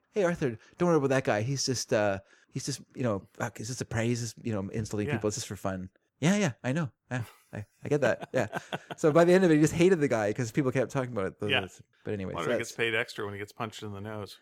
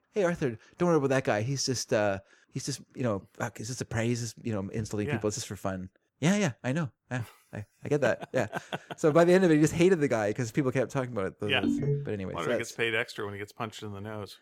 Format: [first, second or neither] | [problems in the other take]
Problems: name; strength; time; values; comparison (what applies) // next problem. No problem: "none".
first | phone ringing; loud; at 12 s; peak level with the speech